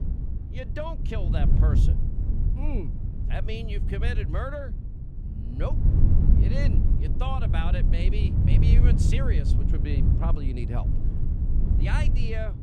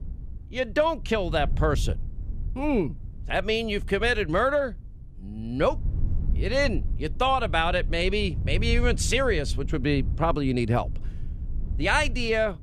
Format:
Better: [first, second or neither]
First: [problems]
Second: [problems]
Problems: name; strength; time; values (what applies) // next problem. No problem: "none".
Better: second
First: low rumble; loud; throughout; 3 dB below the speech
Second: low rumble; faint; throughout; 25 dB below the speech